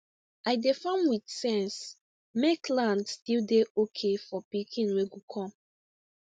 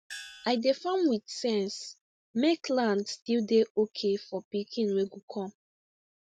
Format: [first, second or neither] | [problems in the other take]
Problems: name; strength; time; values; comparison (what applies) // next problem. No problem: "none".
first | background sound (Gong); 15 dB below the speech